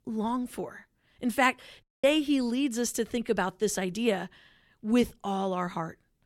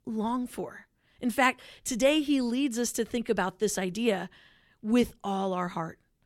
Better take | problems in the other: second | audio cutting out; at 2 s

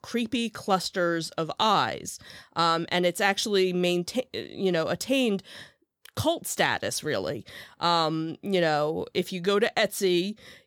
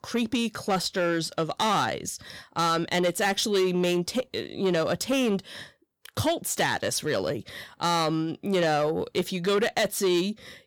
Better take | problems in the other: first | distortion; slight; 10 dB below the speech

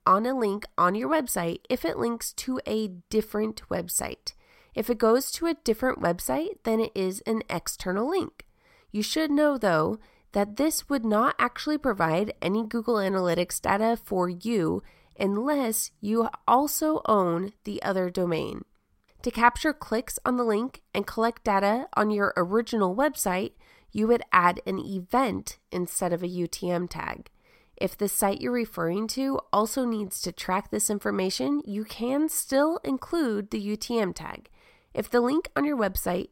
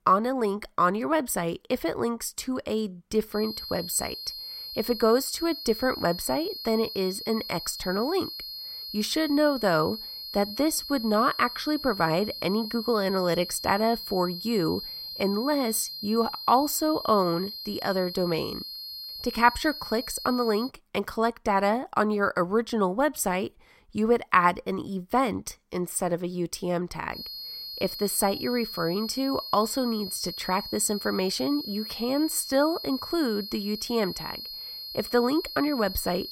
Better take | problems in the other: first | high-pitched whine; loud; from 3.5 to 21 s and from 27 s on; 4.5 kHz, 8 dB below the speech

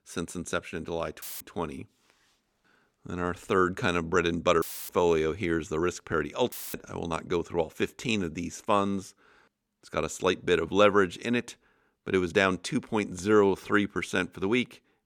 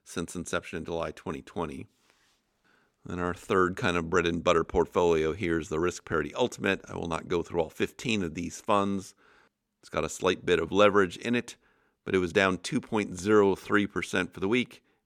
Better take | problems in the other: second | audio cutting out; filled with static; at 1 s, at 4.5 s and at 6.5 s

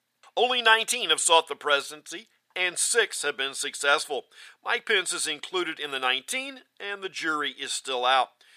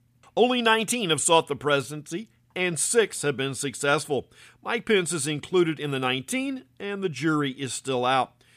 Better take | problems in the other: second | thin; very; fading below 650 Hz

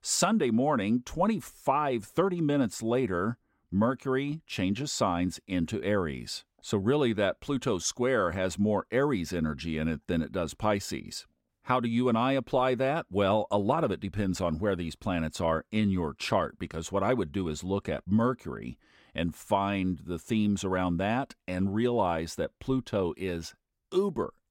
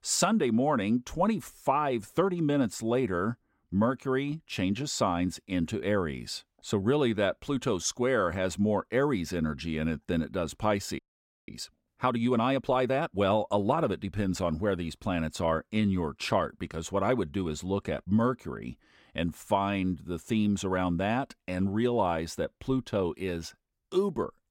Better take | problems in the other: first | audio freezing; at 11 s

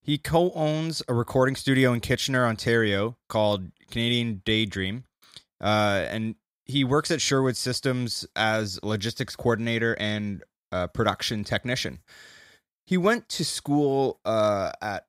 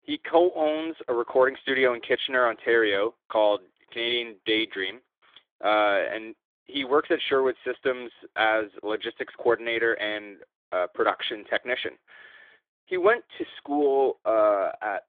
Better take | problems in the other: first | phone-call audio; nothing above 3.5 kHz

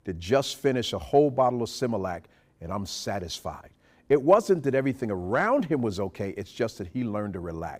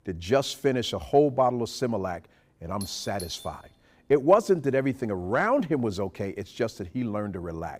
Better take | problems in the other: first | doorbell; faint; at 3 s; peak 15 dB below the speech

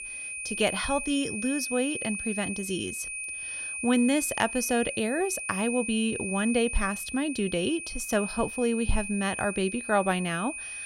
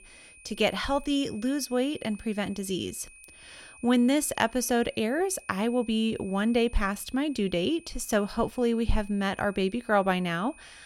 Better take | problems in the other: second | high-pitched whine; loud; throughout; 2.5 kHz, 5 dB below the speech; faint in the second

